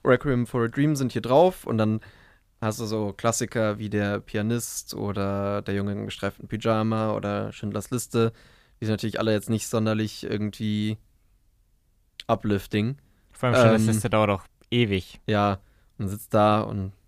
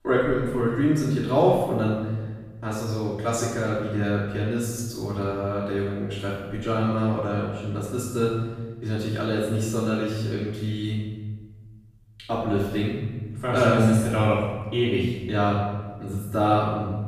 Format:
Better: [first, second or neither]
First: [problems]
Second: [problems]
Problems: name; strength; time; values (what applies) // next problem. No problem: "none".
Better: first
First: none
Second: off-mic speech; far // room echo; strong; dies away in 1.3 s